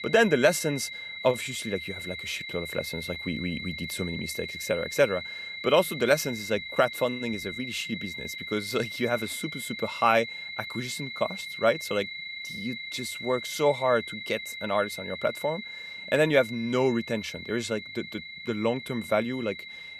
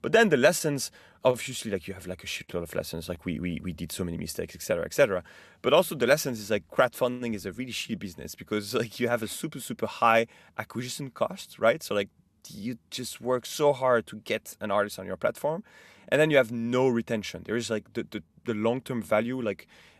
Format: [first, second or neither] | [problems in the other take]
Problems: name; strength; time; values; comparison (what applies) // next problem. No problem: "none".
second | high-pitched whine; loud; throughout; 2 kHz, 8 dB below the speech